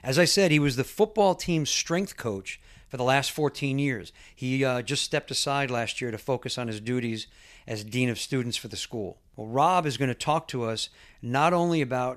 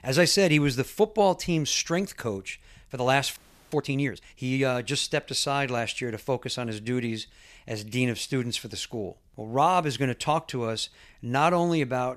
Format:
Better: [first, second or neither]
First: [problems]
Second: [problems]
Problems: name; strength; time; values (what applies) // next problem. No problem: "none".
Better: first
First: none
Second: audio freezing; at 3.5 s